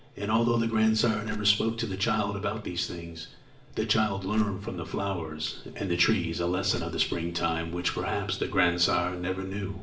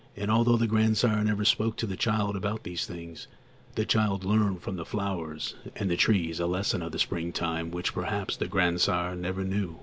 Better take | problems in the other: second | background sound (Crushing); 12 dB below the speech // room echo; dies away in 0.5 s

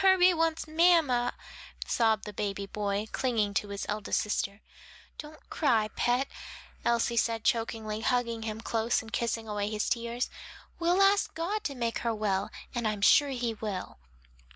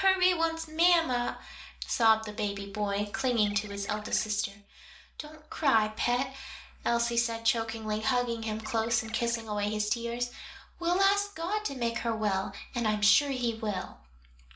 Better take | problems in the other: first | background sound (Bird); 17 dB below the speech // room echo; dies away in 0.4 s

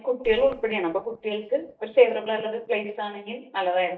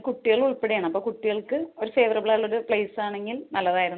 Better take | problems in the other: second | noise reduction (neural mask model DeepFilterNet 3)

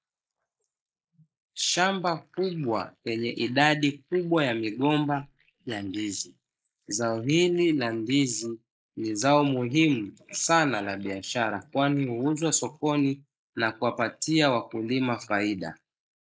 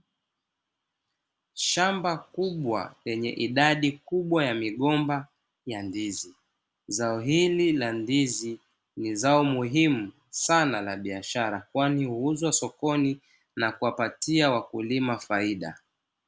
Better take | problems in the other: second | noise reduction (neural mask model Resemble Enhance denoiser)

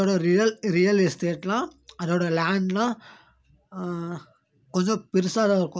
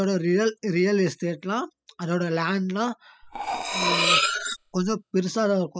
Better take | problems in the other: first | noise reduction (classical method spectral subtraction)

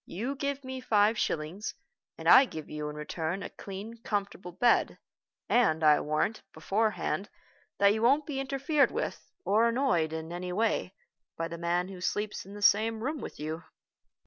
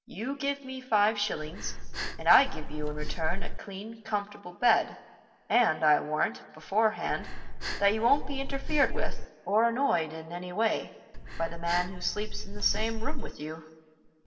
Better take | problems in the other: first | background sound (Breathing); 2 dB above the speech // room echo; dies away in 1.5 s

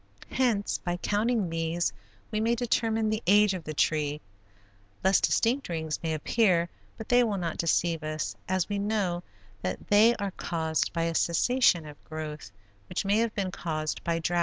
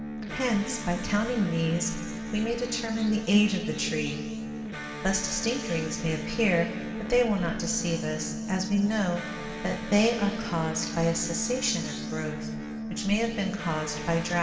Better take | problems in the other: first | background sound (Electric guitar); 7 dB below the speech // room echo; dies away in 2.1 s

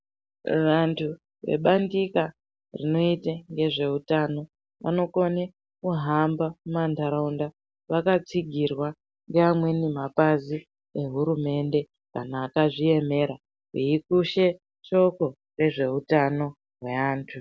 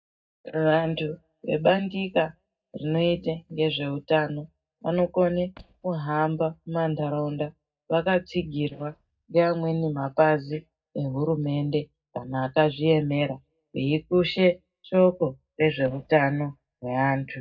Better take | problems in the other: first | noise reduction (neural mask model DeepFilterNet 3)

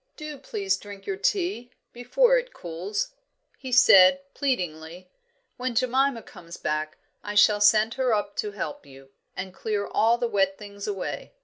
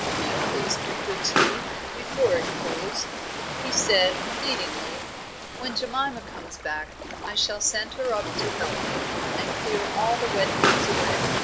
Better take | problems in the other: first | background sound (Ocean + Explosion); 1 dB above the speech

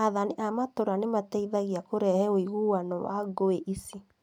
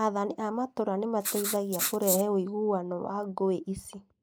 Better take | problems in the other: first | noise reduction (neural mask model Resemble Enhance denoiser)

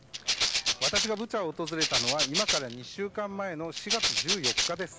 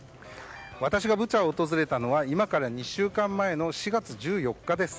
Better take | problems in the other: second | background sound (Rattle (instrument)); 5 dB above the speech

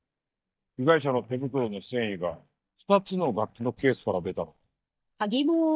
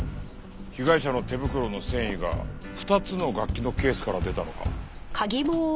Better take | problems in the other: second | noise reduction (neural mask model DeepFilterNet 3)

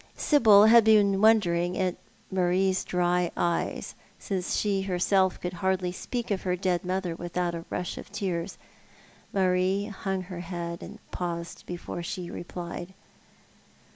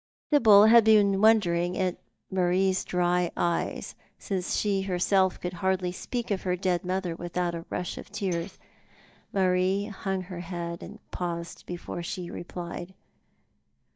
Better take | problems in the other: first | noise reduction (neural mask model DeepFilterNet 3)

